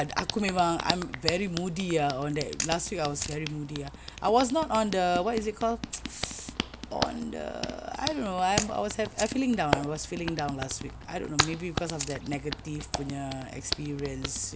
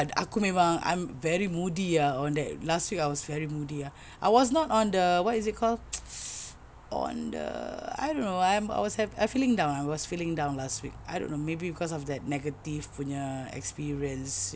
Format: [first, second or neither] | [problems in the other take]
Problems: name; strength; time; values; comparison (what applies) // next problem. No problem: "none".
second | background sound (Camera + Hands); 6 dB below the speech